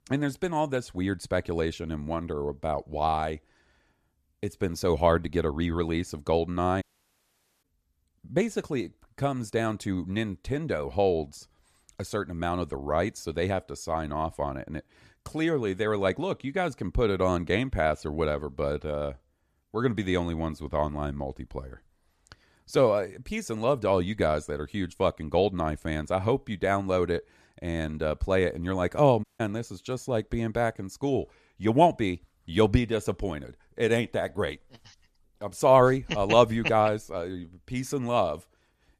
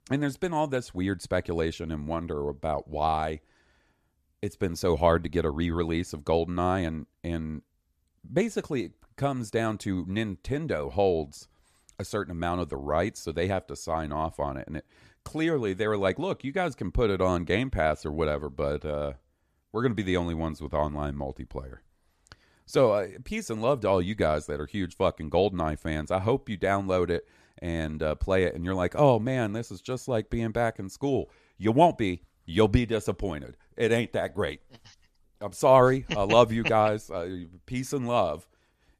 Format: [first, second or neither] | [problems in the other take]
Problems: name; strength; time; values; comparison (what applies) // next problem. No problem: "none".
second | audio cutting out; at 7 s for 1 s and at 29 s